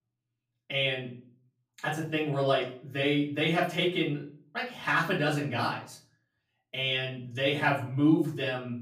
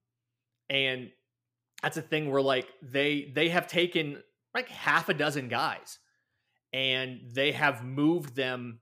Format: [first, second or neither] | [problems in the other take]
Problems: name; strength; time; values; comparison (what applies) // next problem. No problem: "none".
second | off-mic speech; far // room echo; slight; dies away in 0.4 s